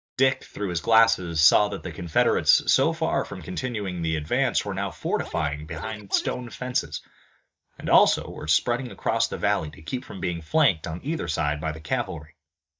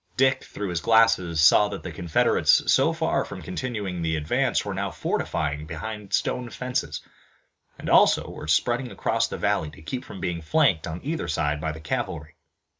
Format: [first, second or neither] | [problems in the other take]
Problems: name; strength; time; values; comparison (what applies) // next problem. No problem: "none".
second | noise reduction (neural mask model DeepFilterNet 3)